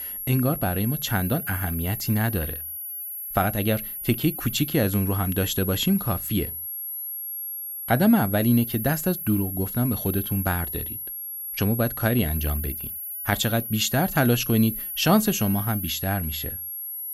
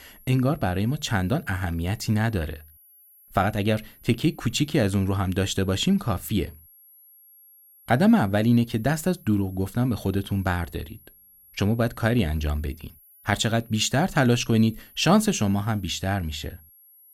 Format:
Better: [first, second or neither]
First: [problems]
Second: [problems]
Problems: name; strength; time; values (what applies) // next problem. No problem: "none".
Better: second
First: high-pitched whine; loud; throughout; 11.5 kHz, 6 dB below the speech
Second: high-pitched whine; faint; throughout; 11.5 kHz, 25 dB below the speech